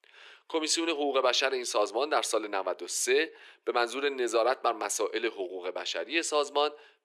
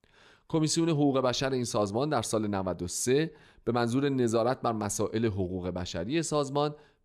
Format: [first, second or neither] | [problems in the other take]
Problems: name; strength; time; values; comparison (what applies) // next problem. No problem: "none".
second | thin; very; fading below 350 Hz